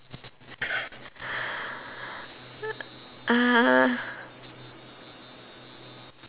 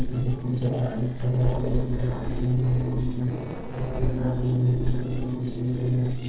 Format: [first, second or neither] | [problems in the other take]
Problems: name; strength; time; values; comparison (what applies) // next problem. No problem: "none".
first | noise reduction (neural separator model SepFormer DNS4)